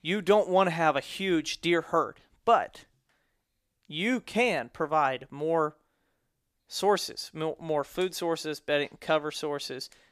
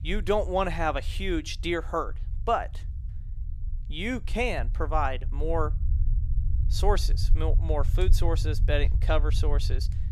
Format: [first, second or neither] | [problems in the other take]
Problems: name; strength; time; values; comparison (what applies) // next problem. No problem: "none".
first | low rumble; noticeable; throughout; 20 dB below the speech